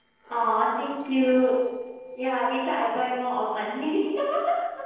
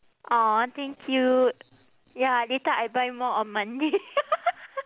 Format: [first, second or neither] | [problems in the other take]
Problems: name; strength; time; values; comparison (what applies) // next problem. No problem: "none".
second | noise reduction (neural separator model SepFormer DNS4)